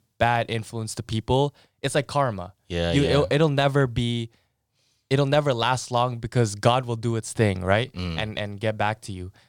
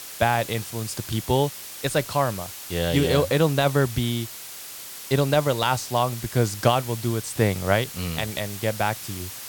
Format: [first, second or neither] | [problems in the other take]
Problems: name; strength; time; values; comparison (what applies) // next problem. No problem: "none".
first | hiss; noticeable; throughout; 10 dB below the speech